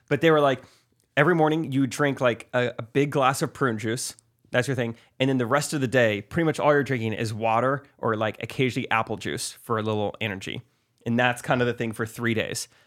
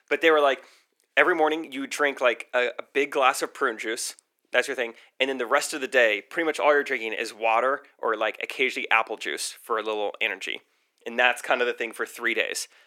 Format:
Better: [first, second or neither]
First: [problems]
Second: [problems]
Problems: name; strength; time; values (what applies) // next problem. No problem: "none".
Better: first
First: none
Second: thin; somewhat; fading below 350 Hz